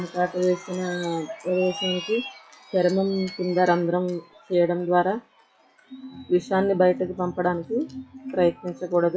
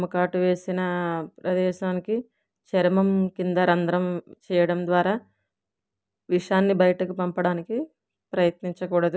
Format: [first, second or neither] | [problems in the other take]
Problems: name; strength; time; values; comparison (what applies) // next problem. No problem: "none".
second | noise reduction (classical method WPE with log-MMSE)